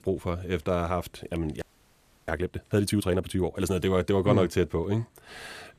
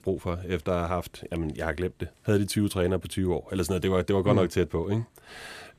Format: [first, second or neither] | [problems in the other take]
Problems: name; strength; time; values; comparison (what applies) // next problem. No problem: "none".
second | audio freezing; at 1.5 s for 0.5 s